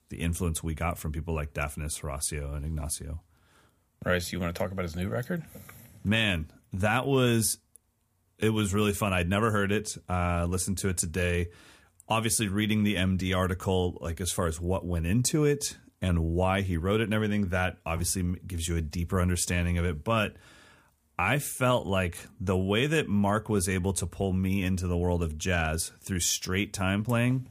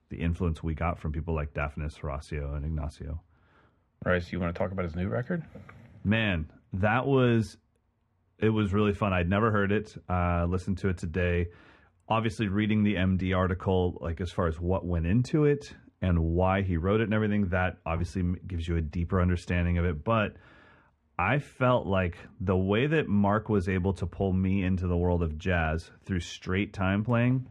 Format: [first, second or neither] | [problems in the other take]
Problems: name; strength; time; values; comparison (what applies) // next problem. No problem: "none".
first | muffled; very; fading above 2 kHz